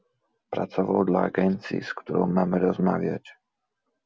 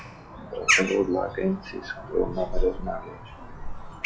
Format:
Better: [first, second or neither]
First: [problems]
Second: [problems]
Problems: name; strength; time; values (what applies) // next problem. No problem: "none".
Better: first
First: none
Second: noise reduction (classical method log-MMSE)